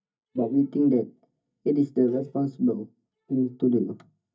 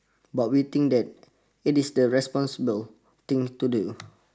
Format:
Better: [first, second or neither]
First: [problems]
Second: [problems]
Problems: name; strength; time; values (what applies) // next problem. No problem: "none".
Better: second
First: noise reduction (neural mask model DeepFilterNet 3)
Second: none